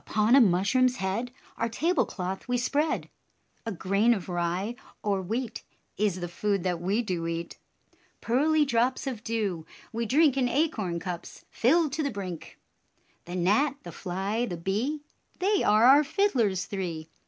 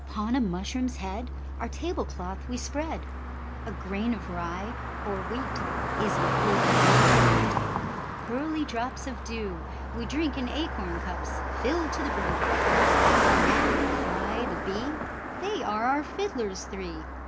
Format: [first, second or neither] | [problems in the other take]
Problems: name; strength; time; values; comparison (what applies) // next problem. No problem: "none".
first | background sound (Car passing by); 5 dB above the speech